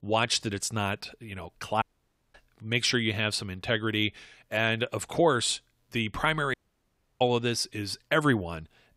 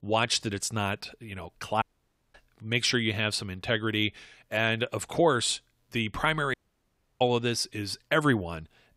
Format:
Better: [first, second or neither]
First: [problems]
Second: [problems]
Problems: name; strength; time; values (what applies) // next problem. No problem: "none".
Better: neither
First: audio cutting out; at 2 s for 0.5 s and at 6.5 s for 0.5 s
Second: audio cutting out; at 2 s for 0.5 s and at 6.5 s for 0.5 s